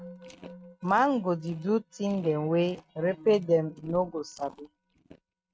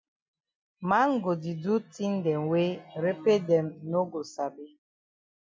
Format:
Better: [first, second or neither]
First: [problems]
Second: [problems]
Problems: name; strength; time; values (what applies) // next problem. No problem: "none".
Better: second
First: noise reduction (neural mask model RNNoise)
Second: none